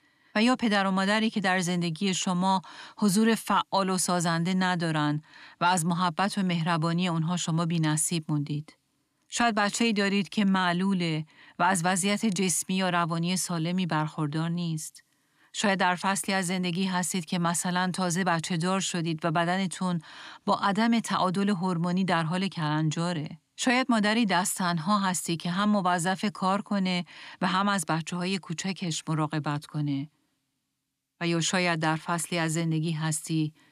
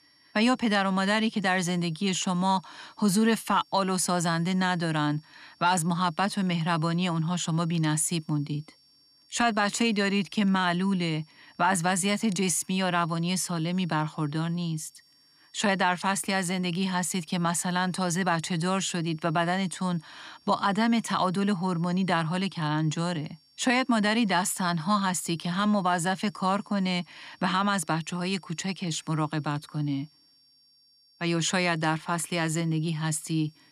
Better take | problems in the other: first | high-pitched whine; faint; throughout; 5.5 kHz, 30 dB below the speech

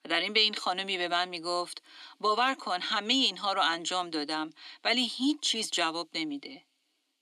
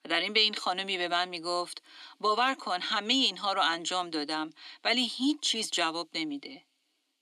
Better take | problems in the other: neither | thin; somewhat; fading below 300 Hz; the same in both

